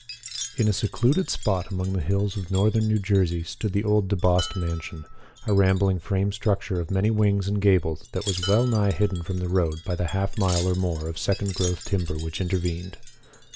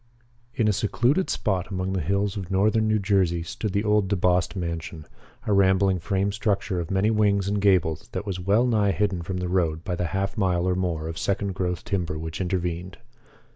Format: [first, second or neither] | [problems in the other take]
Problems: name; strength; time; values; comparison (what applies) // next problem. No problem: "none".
second | background sound (Wind chime + Dishes, pots, and pans); 17 dB below the speech